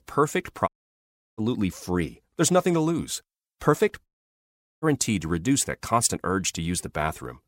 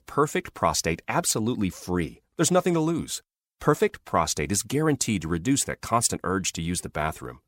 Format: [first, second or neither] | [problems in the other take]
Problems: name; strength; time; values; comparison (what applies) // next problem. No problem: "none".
second | audio cutting out; at 0.5 s for 0.5 s and at 4 s for 1 s